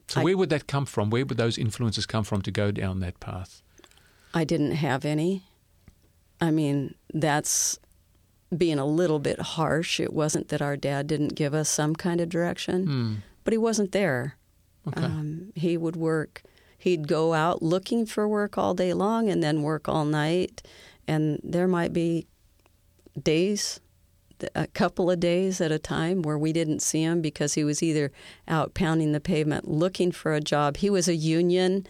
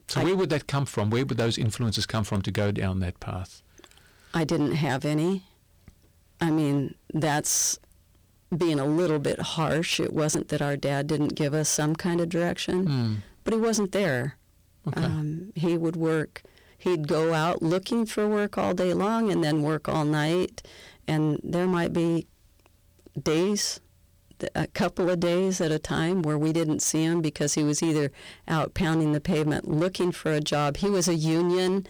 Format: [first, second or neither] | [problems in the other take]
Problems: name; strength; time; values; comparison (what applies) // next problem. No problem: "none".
first | distortion; slight; 13% of the sound clipped